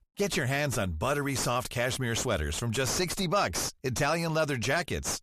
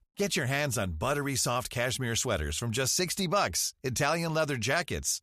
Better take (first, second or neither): second